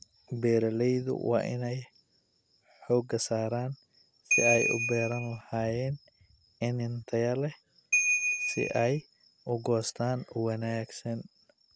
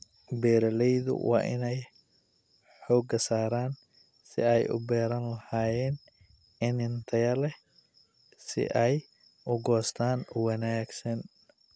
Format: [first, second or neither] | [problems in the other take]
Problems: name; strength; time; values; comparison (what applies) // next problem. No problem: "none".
second | background sound (Ringtone / Bell); 2 dB above the speech